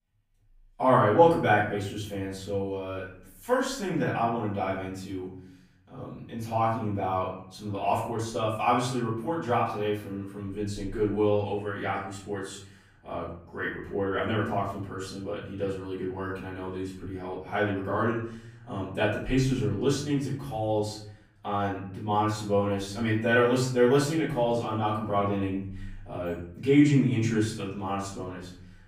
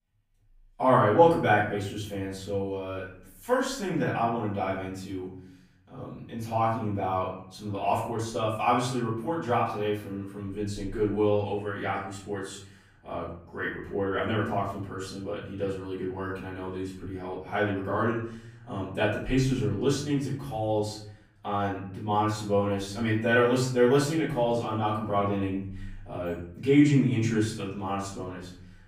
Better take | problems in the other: neither | off-mic speech; far; the same in both // room echo; noticeable; dies away in 0.9 s; the same in both

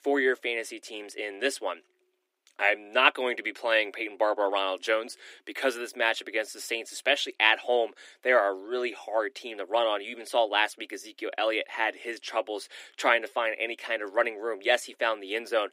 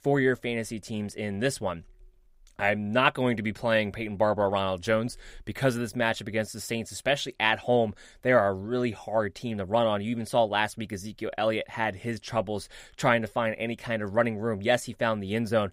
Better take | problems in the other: second | thin; somewhat; fading below 300 Hz

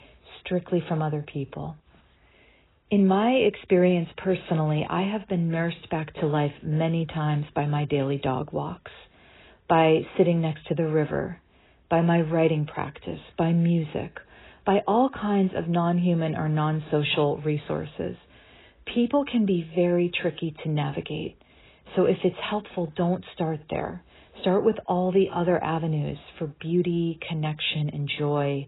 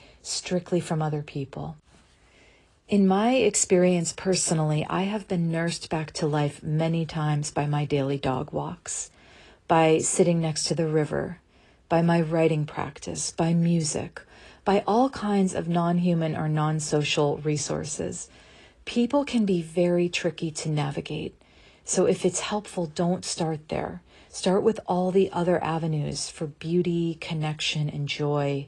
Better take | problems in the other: second | garbled, watery; badly; nothing above 4 kHz; slightly in the second

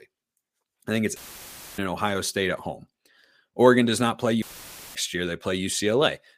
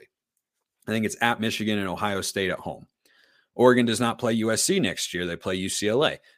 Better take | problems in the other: second | audio cutting out; filled with static; at 1 s for 0.5 s and at 4.5 s for 0.5 s

